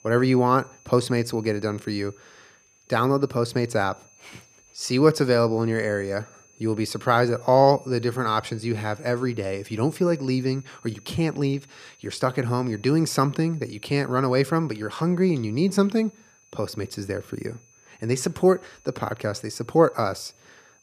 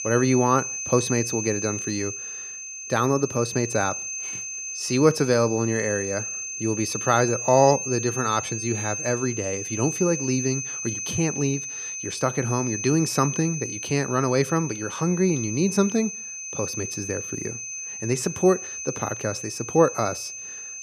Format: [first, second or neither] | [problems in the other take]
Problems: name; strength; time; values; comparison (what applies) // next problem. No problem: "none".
first | high-pitched whine; loud; throughout; 6 kHz, 6 dB below the speech; faint in the first